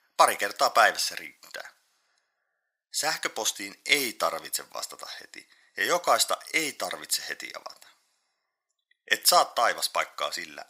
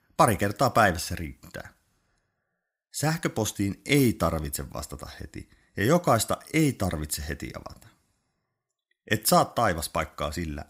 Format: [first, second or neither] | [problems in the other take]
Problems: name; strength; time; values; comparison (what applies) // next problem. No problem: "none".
second | thin; very; fading below 750 Hz